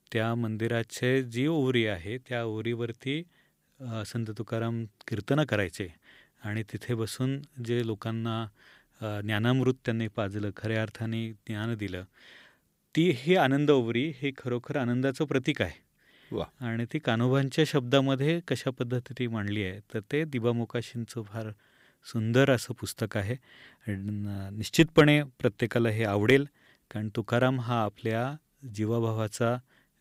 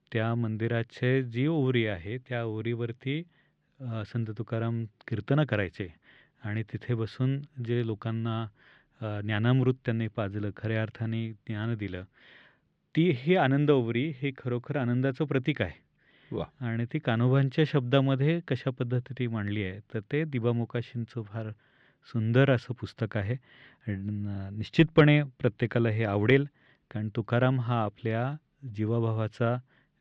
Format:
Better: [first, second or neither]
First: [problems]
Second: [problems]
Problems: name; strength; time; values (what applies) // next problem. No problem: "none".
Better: first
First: none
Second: muffled; slightly; fading above 3.5 kHz